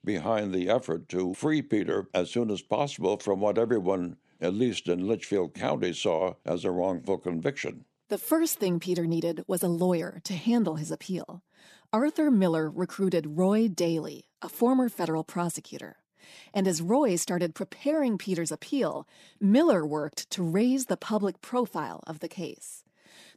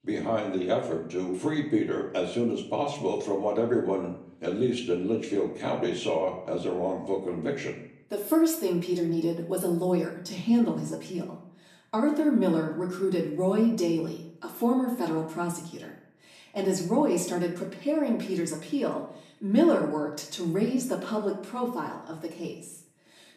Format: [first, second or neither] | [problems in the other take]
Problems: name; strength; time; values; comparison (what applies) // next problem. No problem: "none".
first | off-mic speech; far // room echo; slight; dies away in 0.6 s